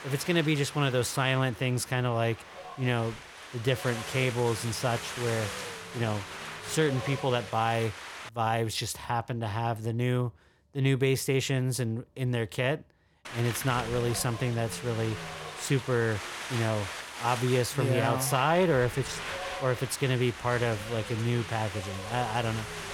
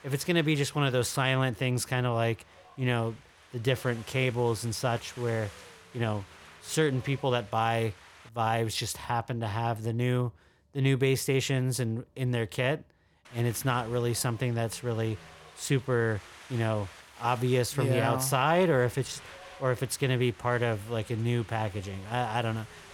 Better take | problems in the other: second | wind noise on the microphone; heavy; until 8.5 s and from 13 s on; 7 dB below the speech; occasional gusts in the second

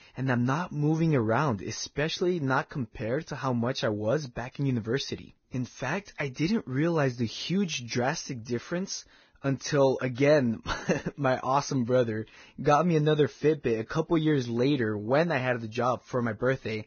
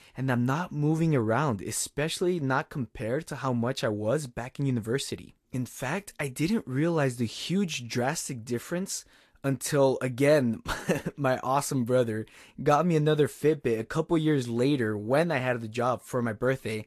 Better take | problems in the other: second | garbled, watery; badly; nothing above 6.5 kHz; slightly in the second

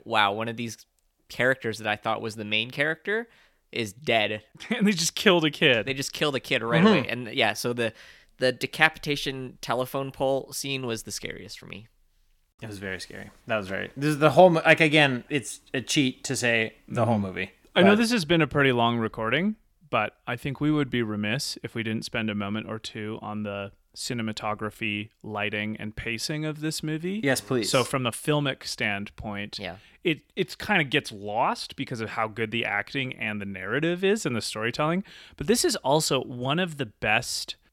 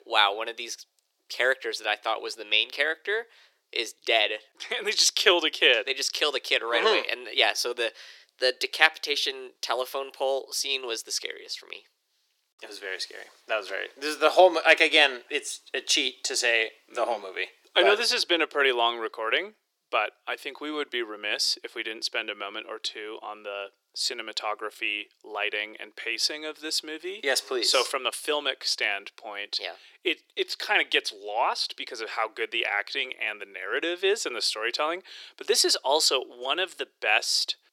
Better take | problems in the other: first | thin; very; fading below 350 Hz

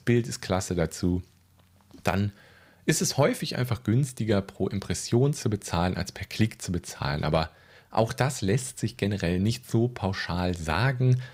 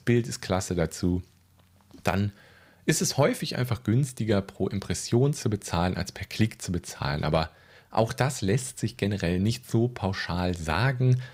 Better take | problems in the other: neither | none

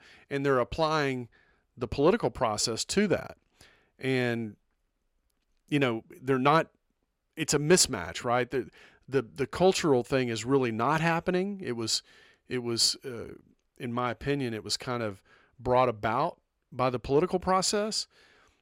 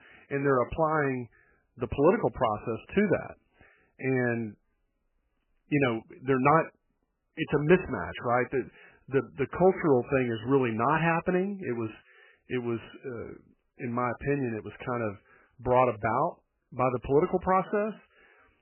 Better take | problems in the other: first | garbled, watery; badly; nothing above 3 kHz

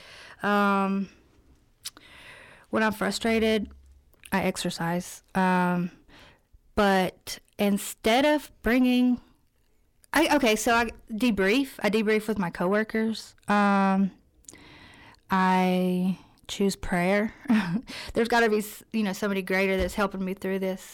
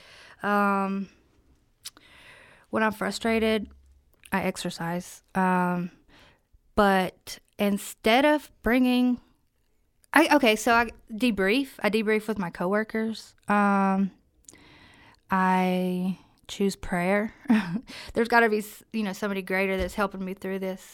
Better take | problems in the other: second | distortion; slight; 10 dB below the speech

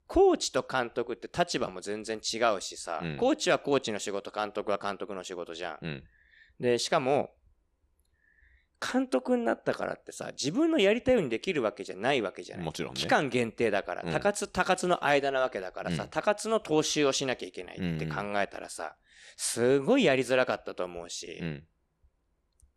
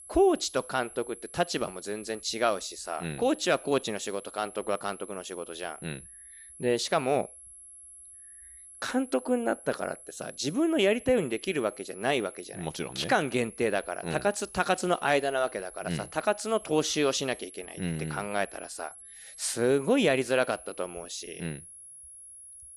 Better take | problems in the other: first | high-pitched whine; noticeable; throughout; 11 kHz, 15 dB below the speech

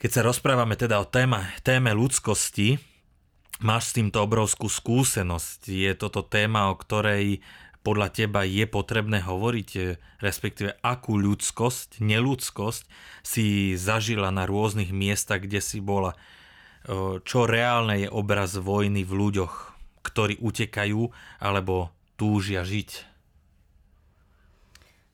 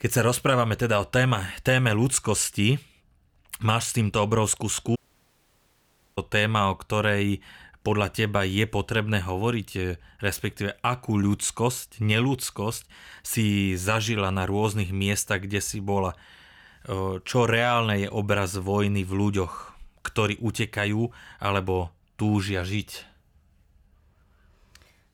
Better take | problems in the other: first | audio cutting out; at 5 s for 1 s

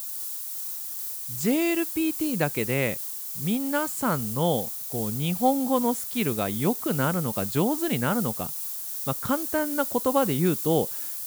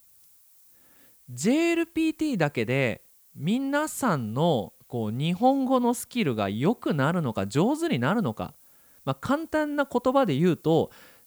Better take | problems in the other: second | hiss; loud; throughout; 4 dB below the speech; faint in the second

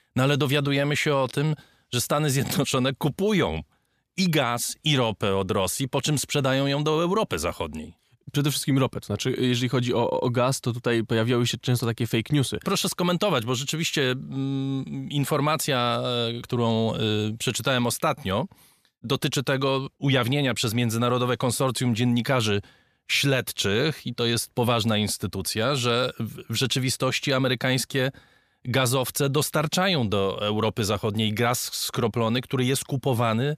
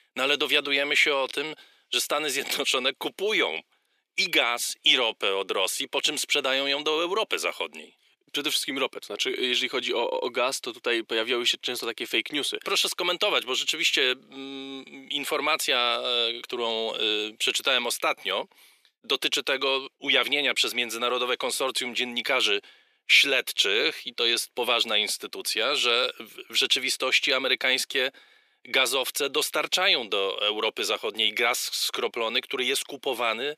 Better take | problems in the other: first | thin; somewhat; fading below 350 Hz

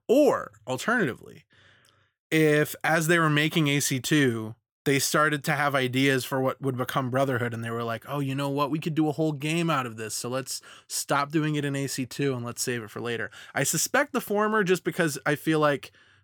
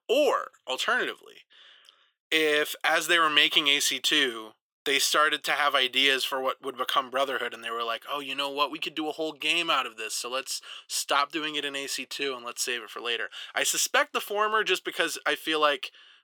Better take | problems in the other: first | thin; somewhat; fading below 400 Hz

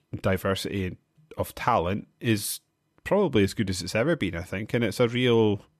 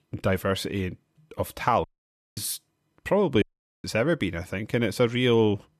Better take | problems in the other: first | audio cutting out; at 2 s for 0.5 s and at 3.5 s

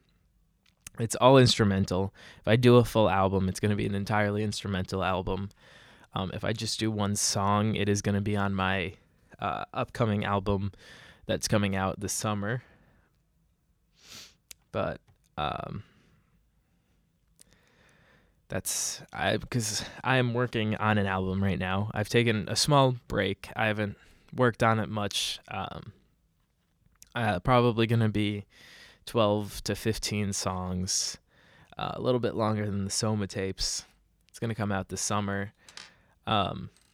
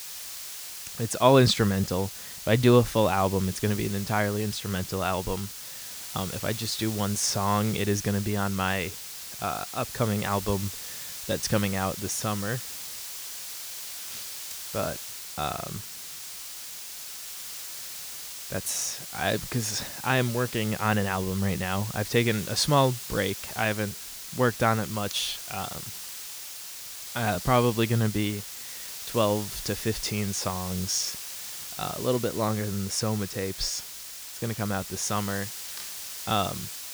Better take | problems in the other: first | hiss; loud; throughout; 8 dB below the speech

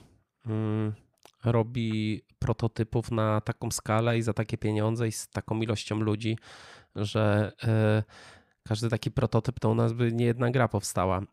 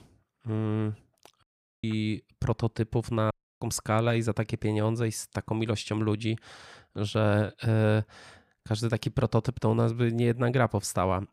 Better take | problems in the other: first | audio cutting out; at 1.5 s and at 3.5 s

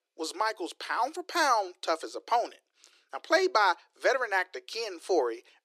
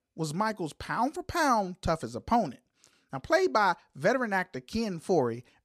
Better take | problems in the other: second | thin; very; fading below 300 Hz

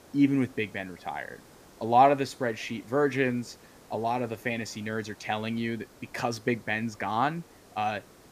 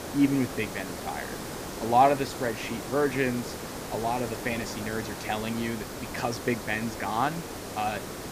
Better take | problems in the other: first | hiss; loud; throughout; 7 dB below the speech; faint in the first

